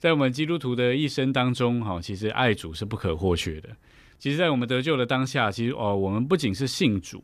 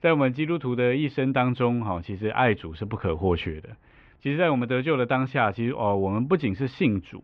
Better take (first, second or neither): first